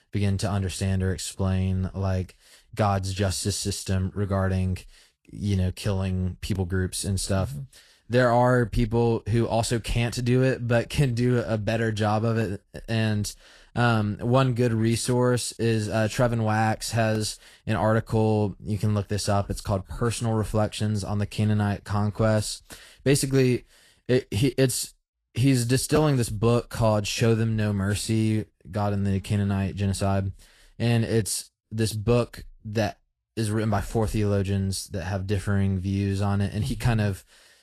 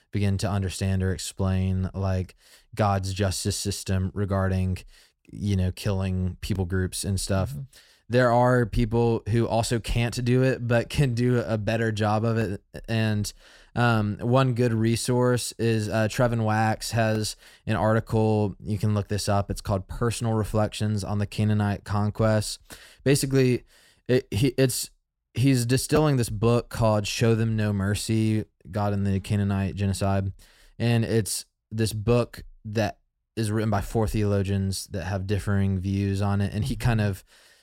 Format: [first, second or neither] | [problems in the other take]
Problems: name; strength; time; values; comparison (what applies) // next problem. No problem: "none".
second | garbled, watery; slightly; nothing above 12.5 kHz